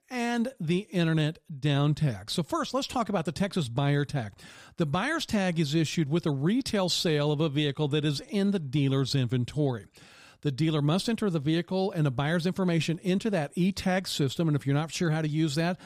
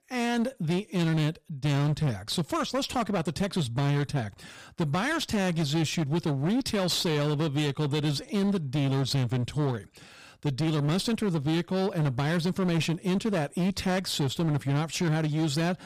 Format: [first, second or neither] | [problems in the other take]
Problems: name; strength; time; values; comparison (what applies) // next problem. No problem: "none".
first | distortion; slight; 20% of the sound clipped